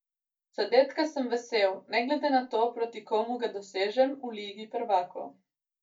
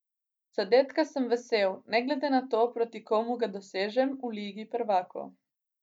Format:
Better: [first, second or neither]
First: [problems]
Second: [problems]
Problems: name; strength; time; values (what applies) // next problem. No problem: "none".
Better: second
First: room echo; dies away in 0.2 s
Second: none